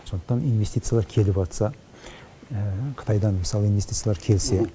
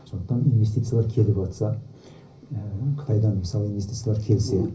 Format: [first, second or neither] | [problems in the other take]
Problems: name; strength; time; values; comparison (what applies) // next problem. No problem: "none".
first | room echo; dies away in 0.5 s